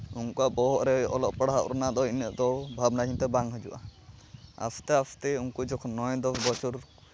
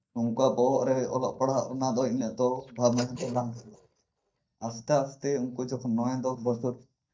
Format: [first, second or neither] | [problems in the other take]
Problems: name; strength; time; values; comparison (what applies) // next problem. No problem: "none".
first | noise reduction (neural mask model DeepFilterNet 3)